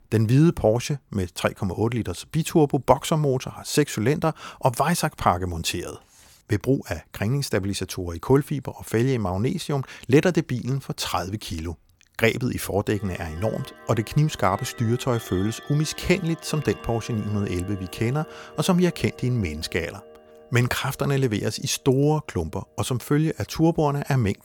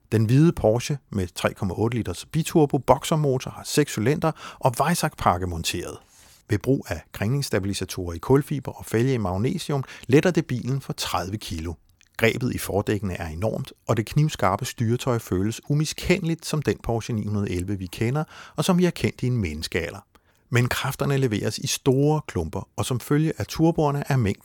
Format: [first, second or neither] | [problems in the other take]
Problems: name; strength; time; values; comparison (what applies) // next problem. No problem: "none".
second | household noises; noticeable; throughout; 20 dB below the speech